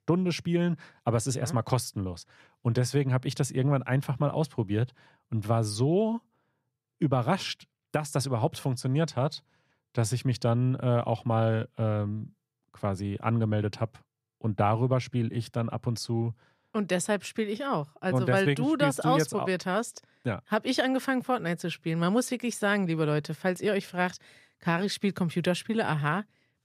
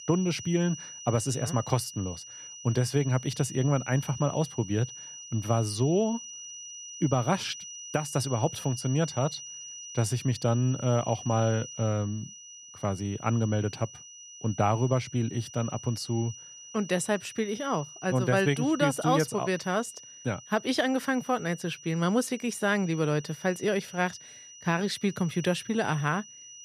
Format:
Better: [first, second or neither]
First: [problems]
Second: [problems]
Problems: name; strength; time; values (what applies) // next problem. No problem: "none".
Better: first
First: none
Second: high-pitched whine; noticeable; throughout; 6 kHz, 15 dB below the speech